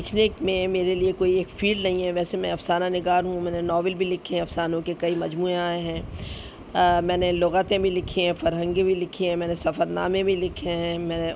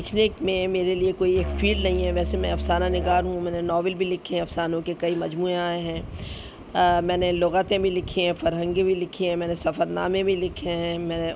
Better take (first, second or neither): first